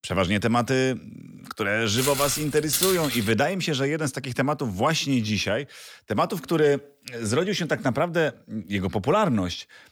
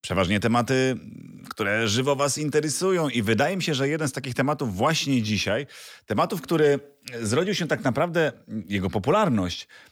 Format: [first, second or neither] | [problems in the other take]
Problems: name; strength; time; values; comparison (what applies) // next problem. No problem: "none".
second | footsteps; loud; from 2 to 3.5 s; peak 1 dB above the speech